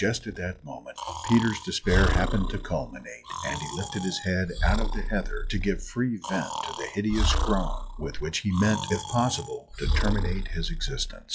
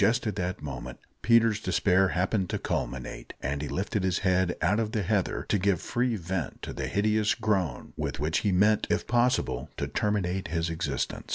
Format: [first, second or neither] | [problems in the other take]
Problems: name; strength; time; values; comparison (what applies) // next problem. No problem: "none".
second | noise reduction (classical method log-MMSE)